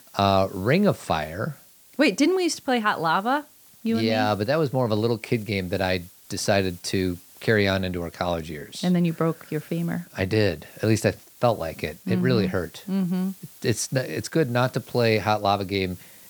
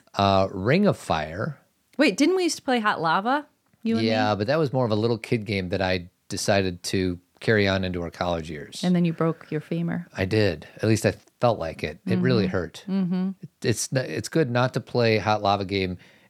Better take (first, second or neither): second